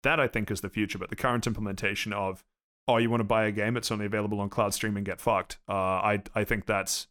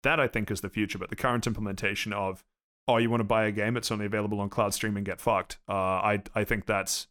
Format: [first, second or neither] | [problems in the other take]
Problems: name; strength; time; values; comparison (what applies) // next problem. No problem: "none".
neither | none